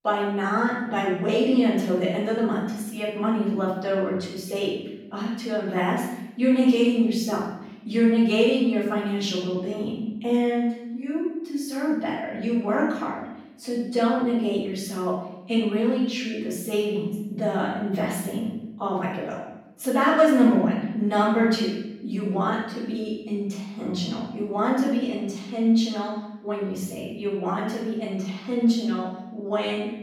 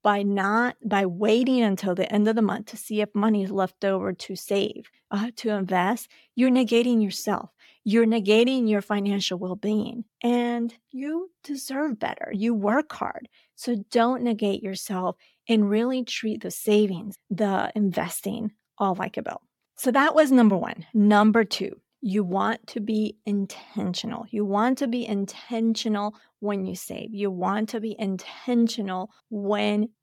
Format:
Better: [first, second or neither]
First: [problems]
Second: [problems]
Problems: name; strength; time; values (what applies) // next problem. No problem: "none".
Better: second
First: off-mic speech; far // room echo; noticeable; dies away in 0.8 s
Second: none